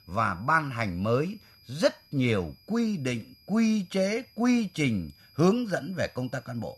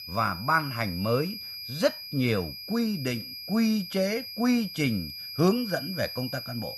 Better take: first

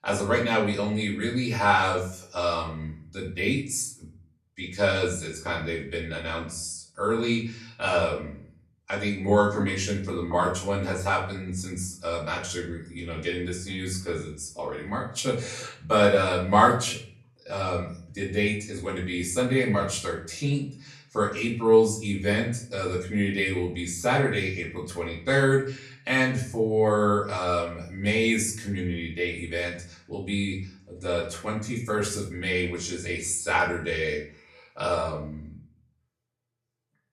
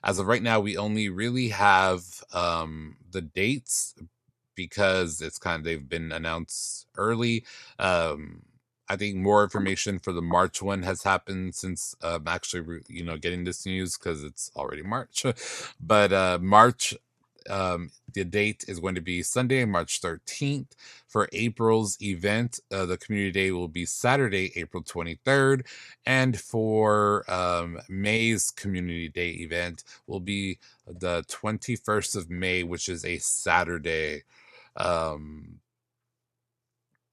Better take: second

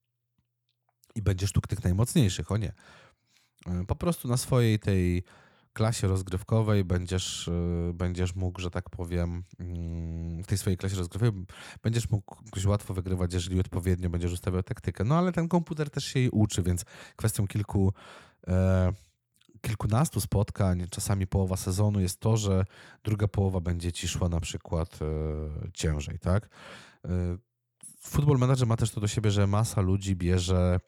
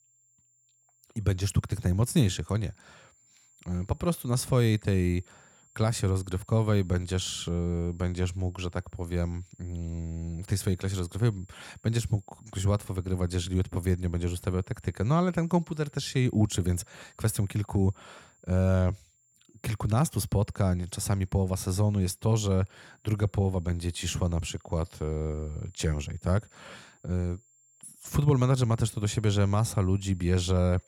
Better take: first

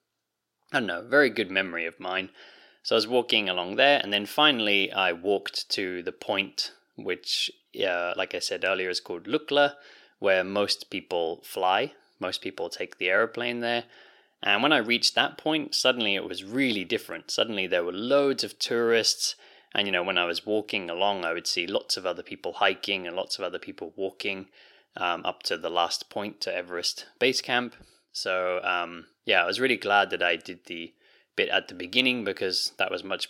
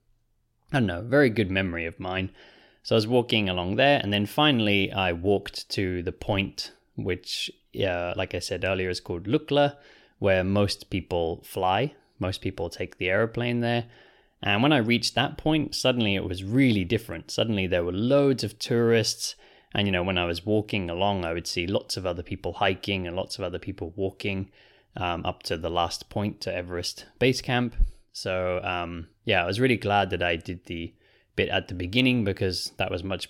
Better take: second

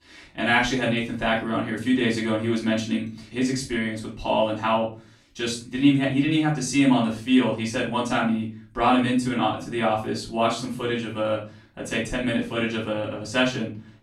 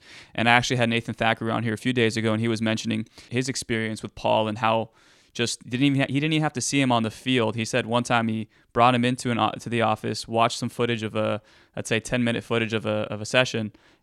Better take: second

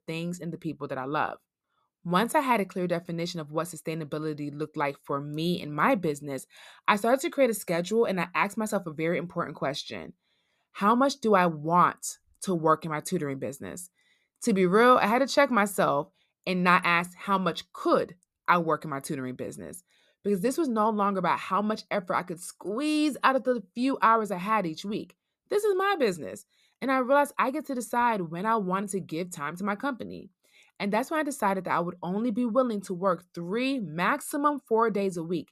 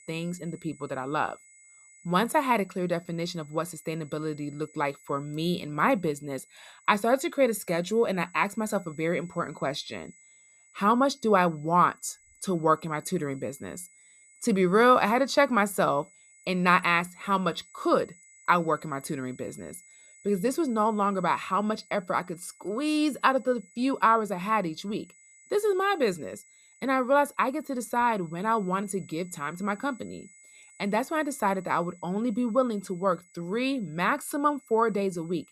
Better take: first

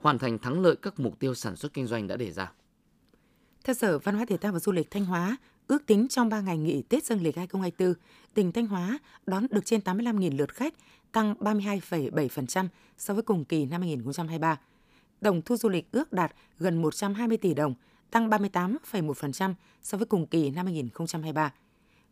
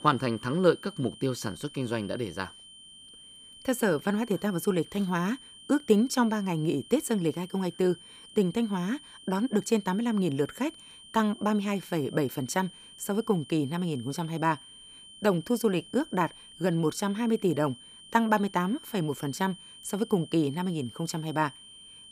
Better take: first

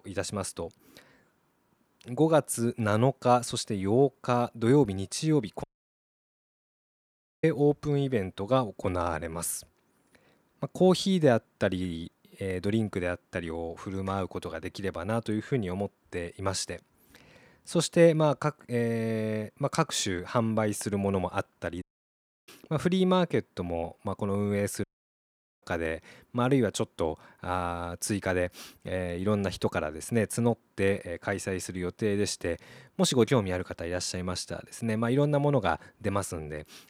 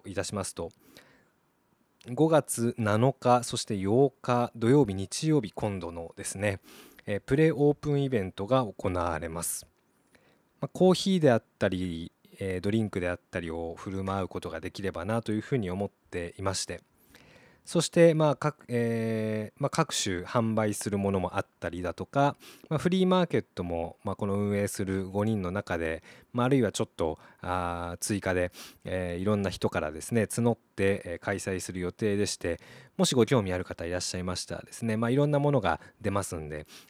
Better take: second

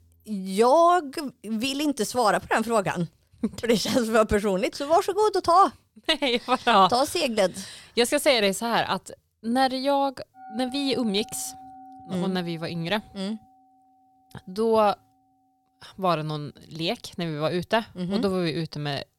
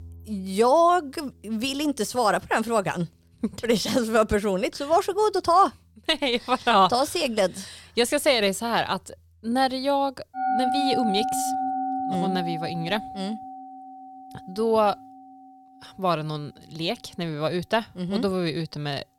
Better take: first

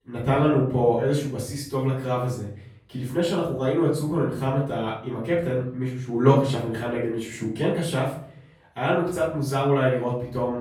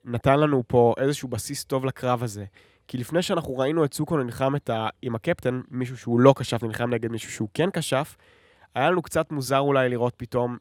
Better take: second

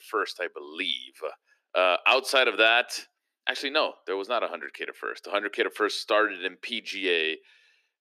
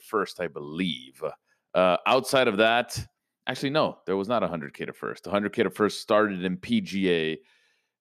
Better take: second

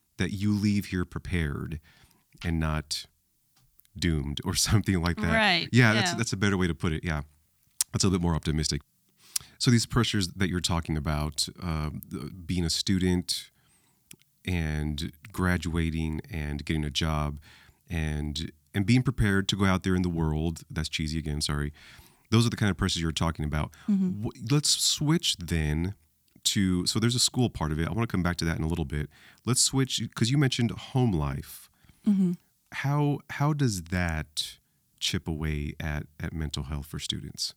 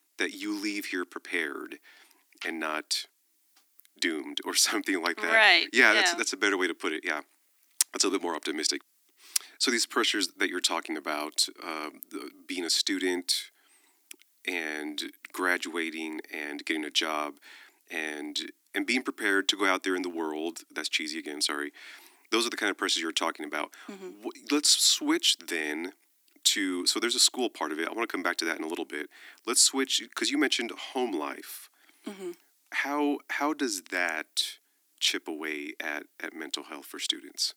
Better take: first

